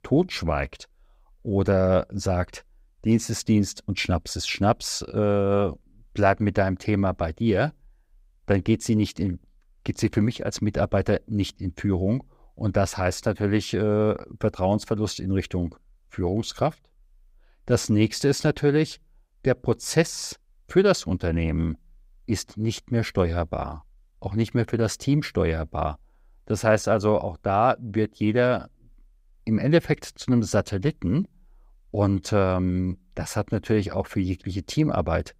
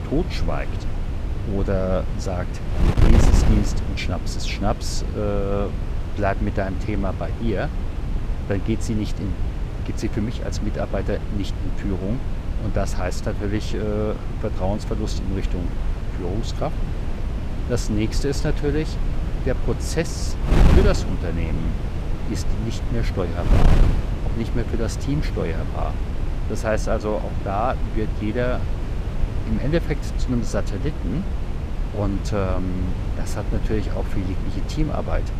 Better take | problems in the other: first | wind noise on the microphone; heavy; 6 dB below the speech

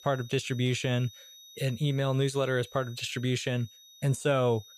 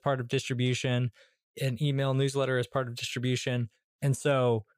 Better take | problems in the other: second | high-pitched whine; faint; throughout; 3.5 kHz, 20 dB below the speech

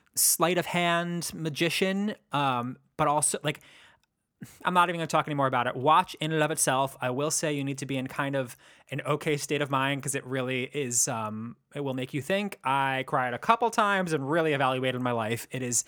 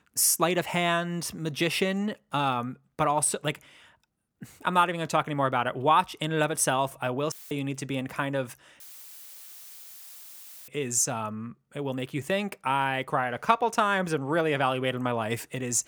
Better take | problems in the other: first | audio cutting out; filled with static; at 7.5 s and at 9 s for 2 s

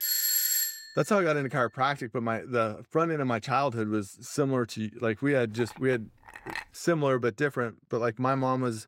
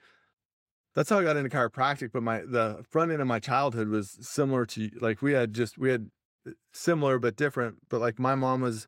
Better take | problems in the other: second | doorbell; loud; at the start; peak 5 dB above the speech // clattering dishes; noticeable; from 5.5 to 6.5 s; peak 10 dB below the speech

